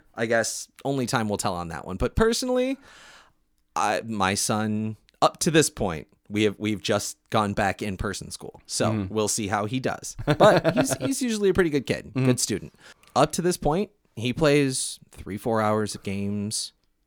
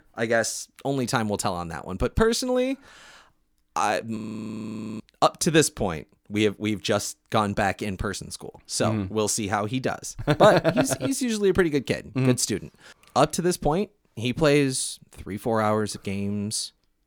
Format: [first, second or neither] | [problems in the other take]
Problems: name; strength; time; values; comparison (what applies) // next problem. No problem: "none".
first | audio freezing; at 4 s for 1 s